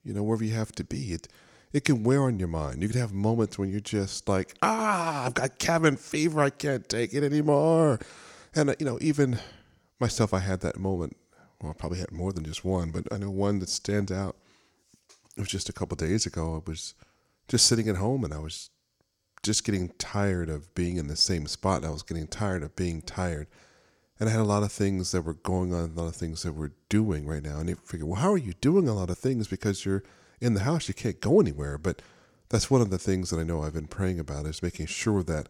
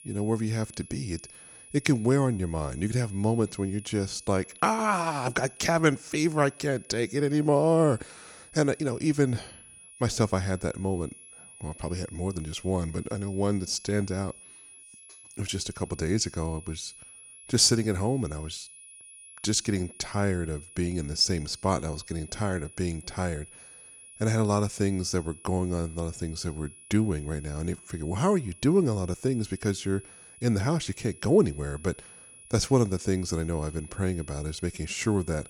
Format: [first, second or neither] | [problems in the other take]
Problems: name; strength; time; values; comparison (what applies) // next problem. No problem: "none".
first | high-pitched whine; noticeable; throughout; 10.5 kHz, 20 dB below the speech